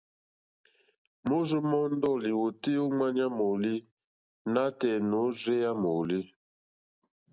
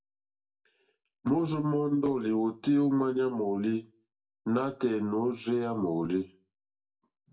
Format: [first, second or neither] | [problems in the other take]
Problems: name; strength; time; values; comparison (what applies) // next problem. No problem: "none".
first | room echo; dies away in 0.2 s